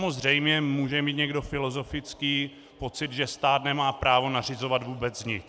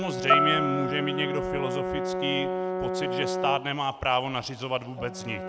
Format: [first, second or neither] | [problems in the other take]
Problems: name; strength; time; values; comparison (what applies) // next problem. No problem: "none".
first | background sound (Brass instrument + Piano); 1 dB above the speech